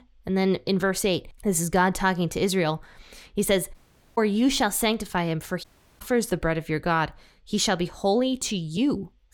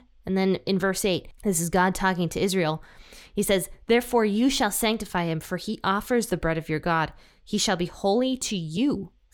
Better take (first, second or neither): second